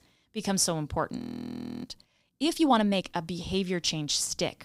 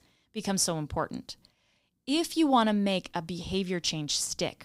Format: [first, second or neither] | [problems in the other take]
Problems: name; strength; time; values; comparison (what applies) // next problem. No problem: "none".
second | audio freezing; at 1 s for 0.5 s